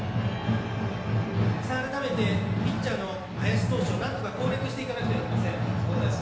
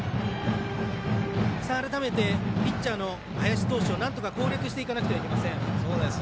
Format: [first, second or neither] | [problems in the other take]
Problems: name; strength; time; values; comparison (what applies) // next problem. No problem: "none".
second | background sound (Brass instrument); 18 dB below the speech // room echo; dies away in 0.9 s